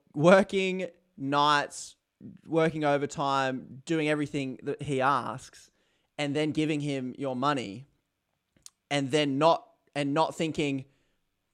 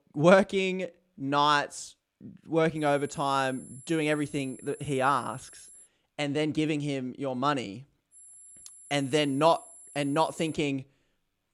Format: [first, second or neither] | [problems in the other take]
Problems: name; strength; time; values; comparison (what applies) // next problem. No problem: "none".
first | high-pitched whine; faint; from 3 to 6 s and from 8 to 11 s; 11 kHz, 20 dB below the speech